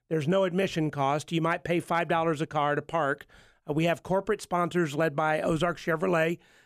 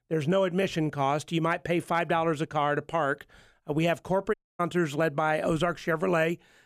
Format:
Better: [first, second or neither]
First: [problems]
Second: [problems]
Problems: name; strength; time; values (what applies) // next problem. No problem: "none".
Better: first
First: none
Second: audio cutting out; at 4.5 s